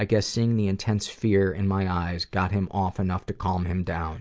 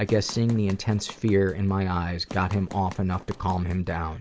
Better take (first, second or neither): first